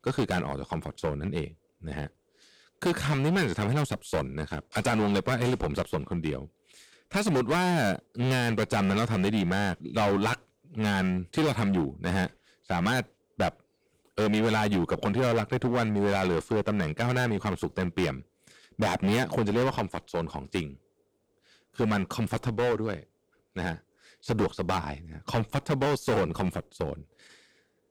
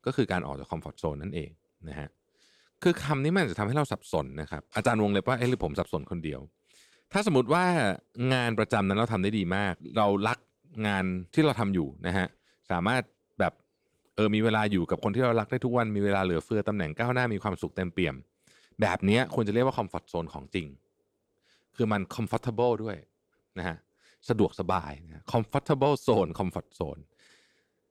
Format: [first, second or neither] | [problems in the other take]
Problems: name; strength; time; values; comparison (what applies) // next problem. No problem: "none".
second | distortion; heavy; 12% of the sound clipped